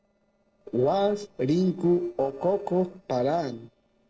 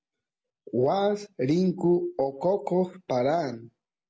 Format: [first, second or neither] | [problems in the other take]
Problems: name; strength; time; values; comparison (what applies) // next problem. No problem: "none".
second | noise reduction (neural separator model SepFormer DNS4)